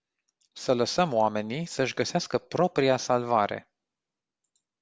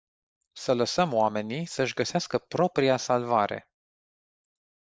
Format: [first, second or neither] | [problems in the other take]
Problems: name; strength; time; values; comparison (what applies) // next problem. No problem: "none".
first | noise reduction (neural mask model Resemble Enhance denoiser)